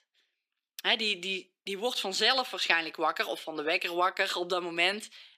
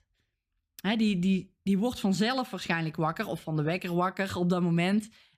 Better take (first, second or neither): second